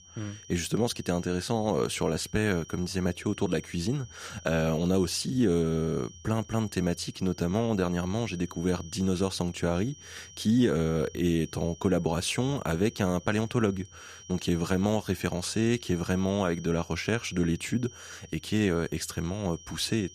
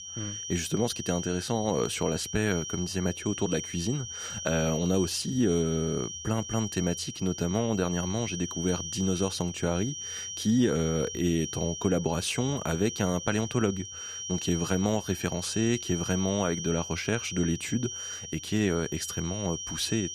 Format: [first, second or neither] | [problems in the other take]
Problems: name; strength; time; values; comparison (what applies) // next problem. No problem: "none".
first | high-pitched whine; loud; throughout; 6 kHz, 7 dB below the speech; faint in the first